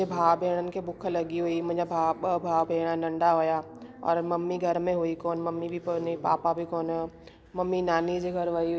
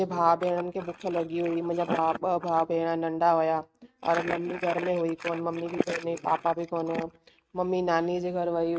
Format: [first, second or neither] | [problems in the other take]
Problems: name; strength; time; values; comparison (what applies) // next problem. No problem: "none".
first | noise reduction (neural mask model RNNoise)